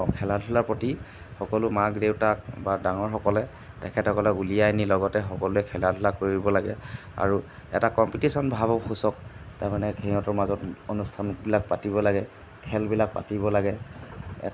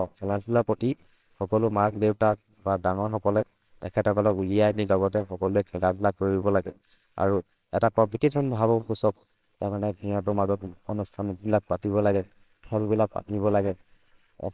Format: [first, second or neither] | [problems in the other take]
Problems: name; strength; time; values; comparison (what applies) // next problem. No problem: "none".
first | noise reduction (neural separator model SepFormer WHAMR!)